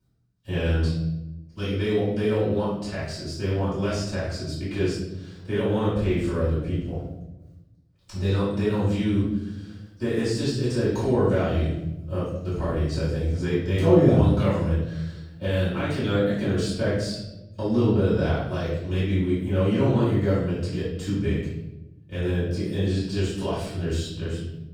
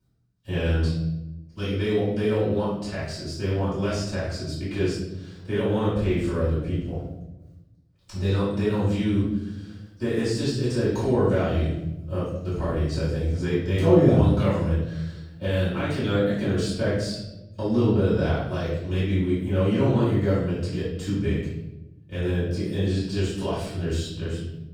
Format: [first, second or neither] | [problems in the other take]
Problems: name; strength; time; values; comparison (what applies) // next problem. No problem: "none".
neither | room echo; noticeable; dies away in 1 s; the same in both // off-mic speech; far; the same in both